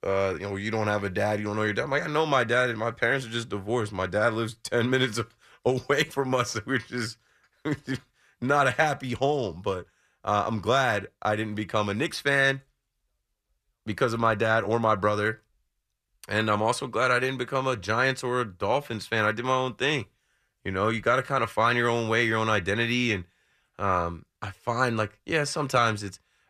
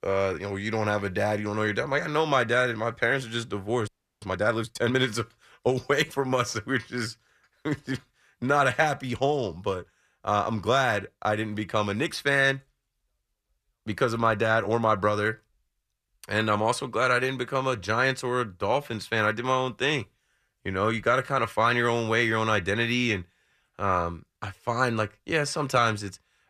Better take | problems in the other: first | audio freezing; at 4 s

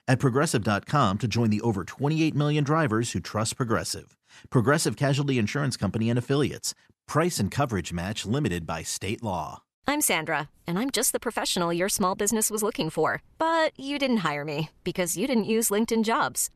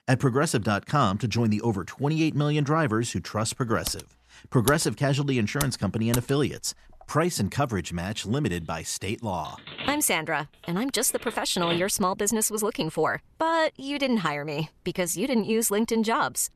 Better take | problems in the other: first | keyboard typing; noticeable; from 4 to 6.5 s; peak 7 dB below the speech // phone ringing; noticeable; from 9.5 to 12 s; peak 6 dB below the speech

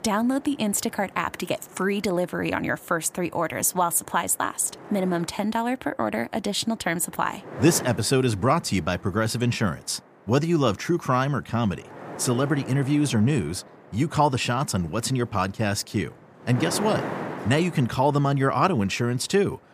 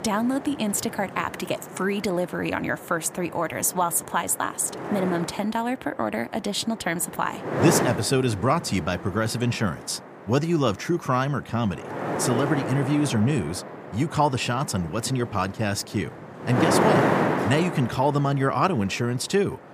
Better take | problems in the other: first | wind noise on the microphone; heavy; 3 dB below the speech; occasional gusts in the first

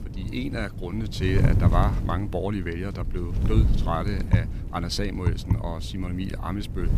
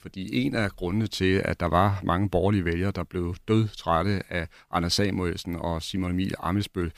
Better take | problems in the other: second | wind noise on the microphone; heavy; 8 dB below the speech

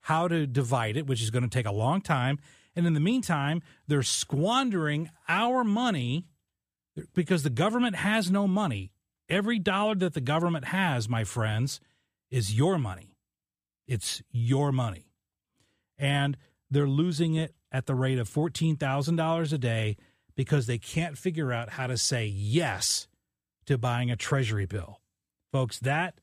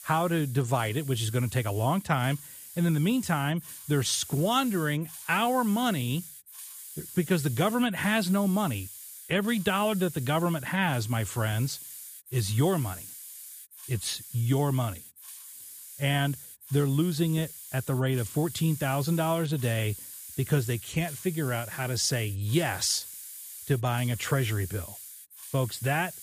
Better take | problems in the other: first | hiss; noticeable; throughout; 15 dB below the speech

